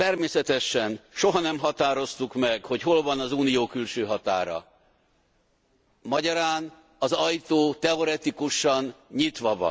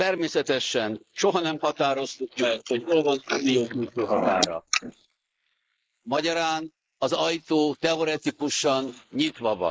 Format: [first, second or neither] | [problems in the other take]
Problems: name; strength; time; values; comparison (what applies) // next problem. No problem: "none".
first | noise reduction (neural mask model Resemble Enhance denoiser)